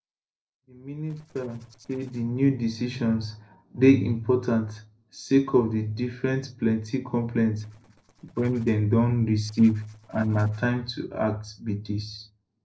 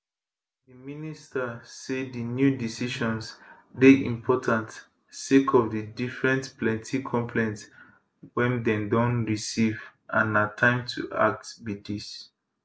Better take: second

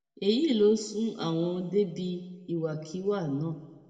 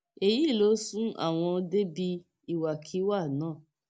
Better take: second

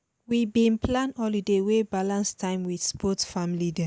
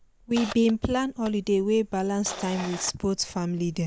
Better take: first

